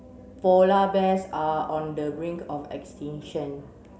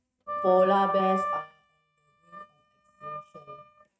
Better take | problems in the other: first | noise reduction (neural mask model RNNoise)

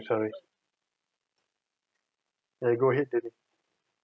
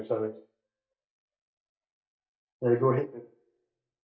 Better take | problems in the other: first | noise reduction (neural mask model DeepFilterNet 3)

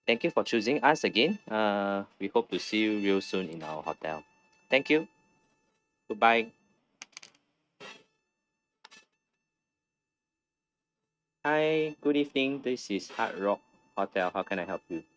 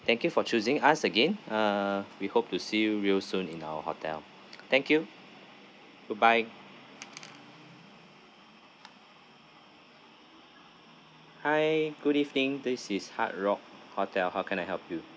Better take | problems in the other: second | noise reduction (neural mask model RNNoise)

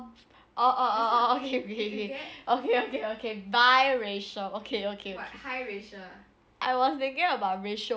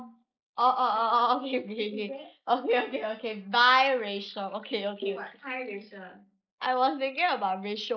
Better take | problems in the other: first | noise reduction (neural mask model Resemble Enhance denoiser)

